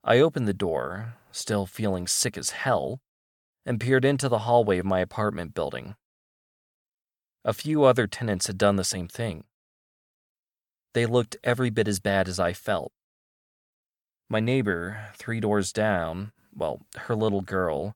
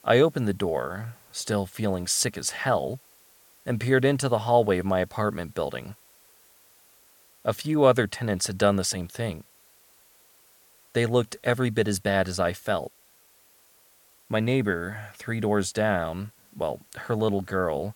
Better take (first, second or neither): first